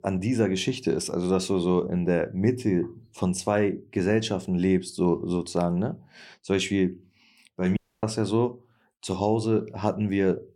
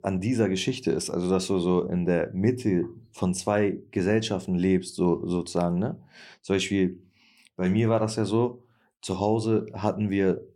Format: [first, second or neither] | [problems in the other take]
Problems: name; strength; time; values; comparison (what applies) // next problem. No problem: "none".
second | audio cutting out; at 8 s